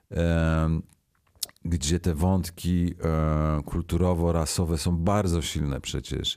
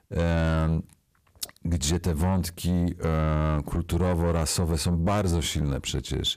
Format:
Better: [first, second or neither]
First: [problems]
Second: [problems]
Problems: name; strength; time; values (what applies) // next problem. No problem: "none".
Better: first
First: none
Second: distortion; slight; 10 dB below the speech